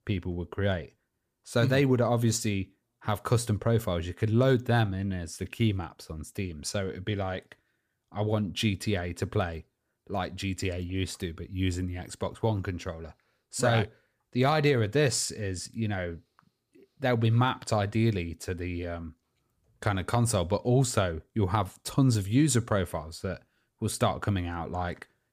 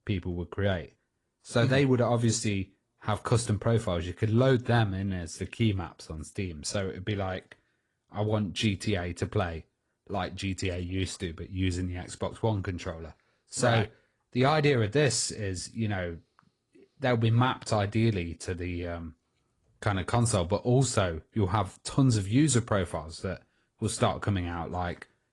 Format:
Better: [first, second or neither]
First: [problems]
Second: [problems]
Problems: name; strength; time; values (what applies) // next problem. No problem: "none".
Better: first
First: none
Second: garbled, watery; slightly